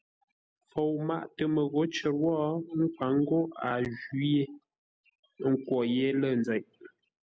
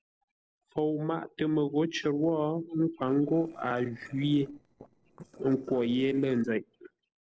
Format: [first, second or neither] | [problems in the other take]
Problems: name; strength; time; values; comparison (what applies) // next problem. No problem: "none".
first | noise reduction (neural separator model SepFormer DNS4)